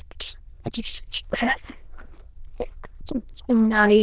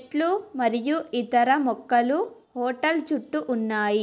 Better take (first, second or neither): second